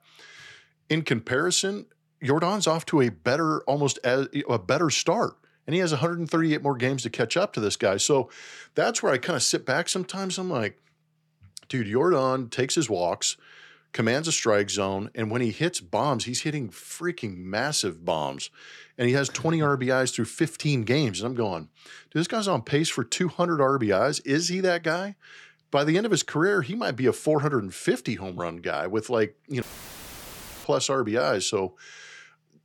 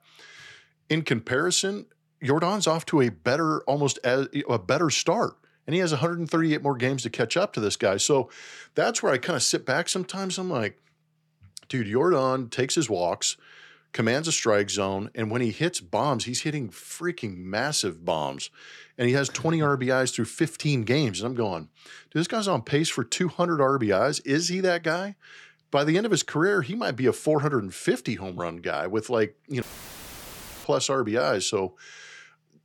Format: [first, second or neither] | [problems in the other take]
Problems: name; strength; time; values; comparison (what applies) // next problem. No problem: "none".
neither | audio cutting out; filled with static; at 30 s for 1 s; the same in both